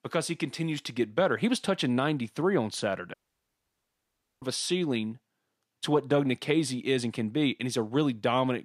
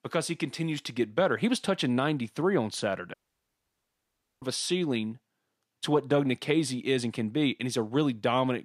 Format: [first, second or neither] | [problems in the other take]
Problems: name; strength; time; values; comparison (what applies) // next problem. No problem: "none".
neither | audio cutting out; at 3 s for 1.5 s; the same in both